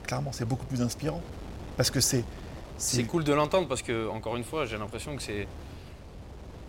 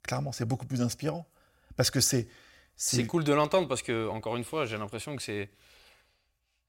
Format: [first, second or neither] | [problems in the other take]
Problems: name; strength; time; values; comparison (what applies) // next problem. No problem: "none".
second | wind noise on the microphone; occasional gusts; 20 dB below the speech